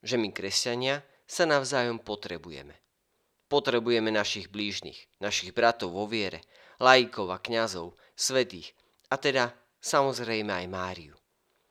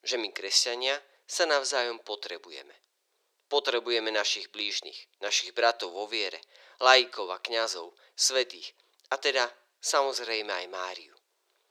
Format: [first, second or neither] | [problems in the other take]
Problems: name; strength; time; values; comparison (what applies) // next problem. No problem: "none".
first | thin; very; fading below 350 Hz